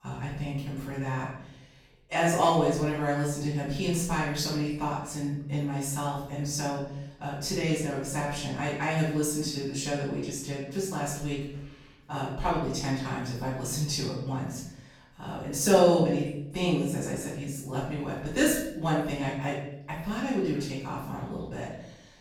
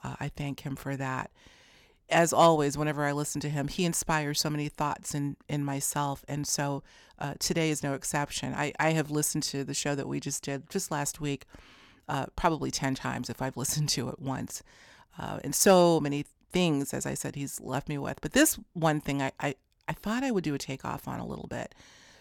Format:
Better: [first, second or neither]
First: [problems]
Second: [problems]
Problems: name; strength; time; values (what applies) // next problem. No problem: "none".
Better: second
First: off-mic speech; far // room echo; noticeable; dies away in 0.8 s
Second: none